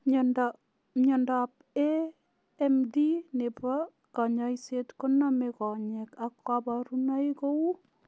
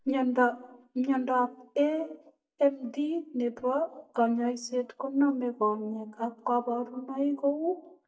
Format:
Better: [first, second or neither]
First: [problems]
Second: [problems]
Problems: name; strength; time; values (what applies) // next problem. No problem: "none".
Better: first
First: none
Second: noise reduction (neural mask model DeepFilterNet 3)